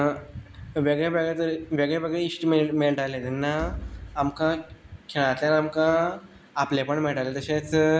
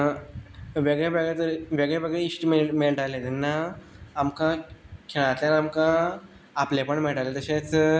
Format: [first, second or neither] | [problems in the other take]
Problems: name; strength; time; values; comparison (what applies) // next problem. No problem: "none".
second | background sound (Thump, thud); 12 dB below the speech